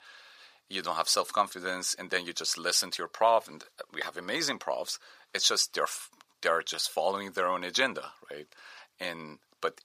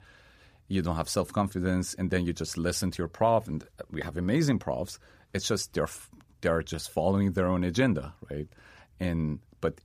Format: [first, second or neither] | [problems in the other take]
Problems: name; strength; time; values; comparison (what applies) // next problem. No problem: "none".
second | thin; very; fading below 700 Hz